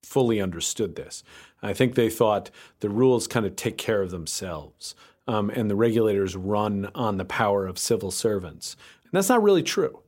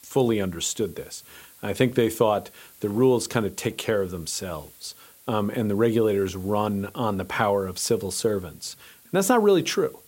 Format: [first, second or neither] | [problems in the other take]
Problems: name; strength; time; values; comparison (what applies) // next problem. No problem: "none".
first | hiss; faint; throughout; 25 dB below the speech